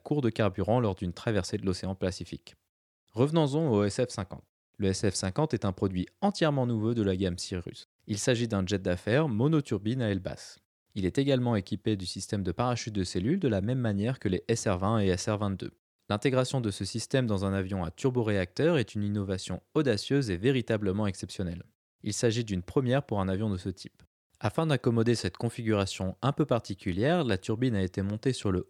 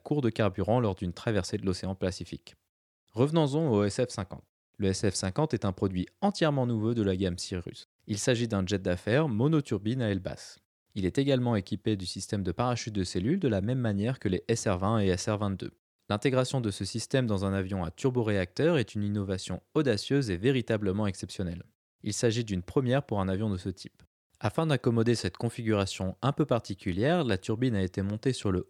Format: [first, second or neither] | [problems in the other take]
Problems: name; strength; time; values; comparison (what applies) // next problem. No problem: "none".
neither | none